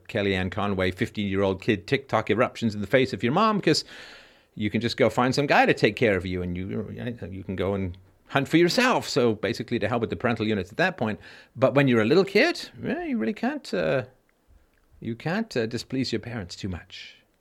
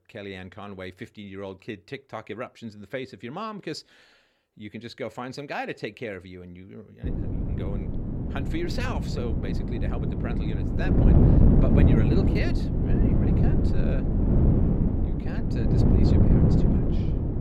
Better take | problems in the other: first | wind noise on the microphone; heavy; from 7 s on; 5 dB above the speech

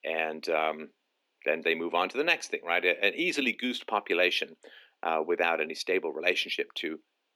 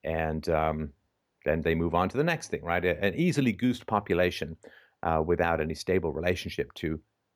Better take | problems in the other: second | thin; somewhat; fading below 250 Hz

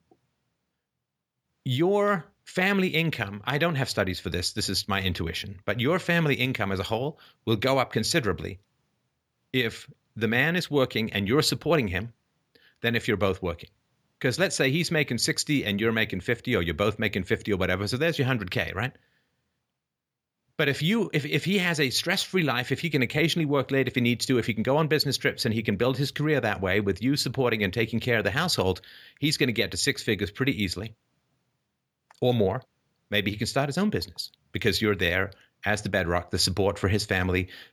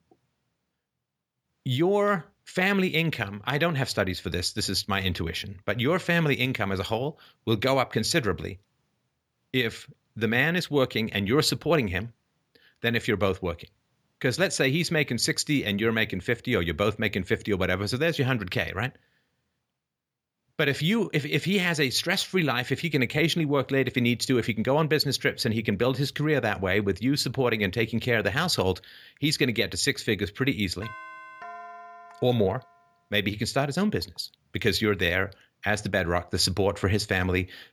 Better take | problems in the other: first | doorbell; faint; from 31 to 33 s; peak 15 dB below the speech

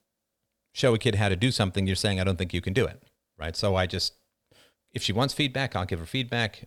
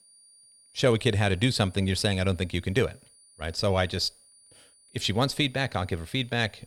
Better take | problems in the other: first | high-pitched whine; faint; throughout; 9.5 kHz, 30 dB below the speech

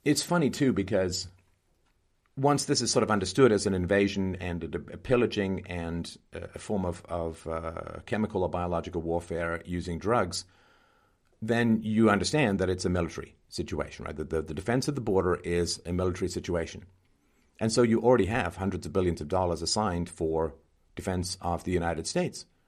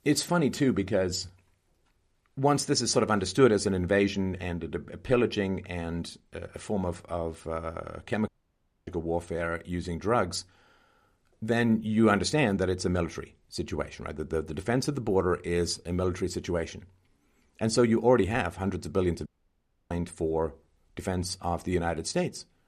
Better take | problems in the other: first | audio cutting out; at 8.5 s for 0.5 s and at 19 s for 0.5 s

